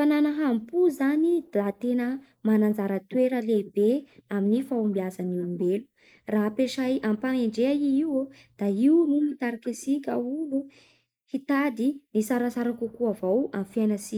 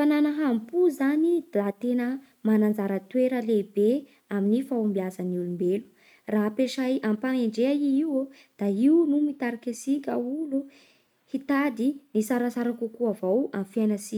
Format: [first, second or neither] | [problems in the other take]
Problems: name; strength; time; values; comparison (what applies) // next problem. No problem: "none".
second | noise reduction (neural mask model Resemble Enhance denoiser)